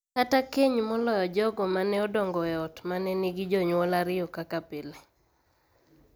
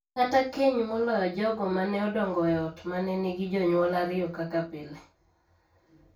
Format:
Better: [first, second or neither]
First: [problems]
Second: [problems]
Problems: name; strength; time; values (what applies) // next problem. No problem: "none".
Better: first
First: none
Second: room echo; dies away in 0.2 s